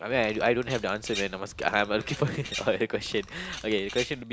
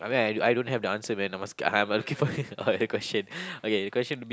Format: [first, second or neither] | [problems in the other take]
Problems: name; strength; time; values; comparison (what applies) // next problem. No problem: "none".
second | background sound (Bird vocalization, bird call, bird song); 13 dB below the speech